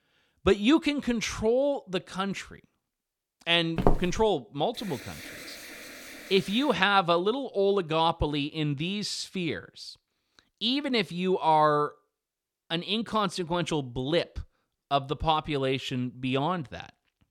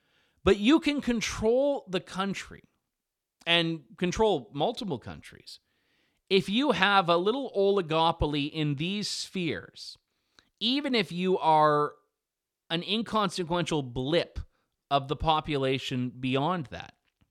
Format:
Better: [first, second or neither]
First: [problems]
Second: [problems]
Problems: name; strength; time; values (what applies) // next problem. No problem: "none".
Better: second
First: footsteps; noticeable; at 4 s; peak level with the speech // alarm; faint; from 4.5 to 6.5 s; peak 15 dB below the speech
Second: none